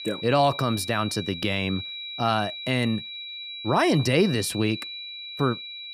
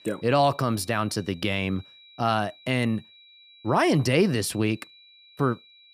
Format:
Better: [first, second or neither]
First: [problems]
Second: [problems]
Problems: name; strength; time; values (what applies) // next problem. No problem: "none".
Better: second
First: high-pitched whine; loud; throughout; 4 kHz, 9 dB below the speech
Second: high-pitched whine; faint; throughout; 4 kHz, 25 dB below the speech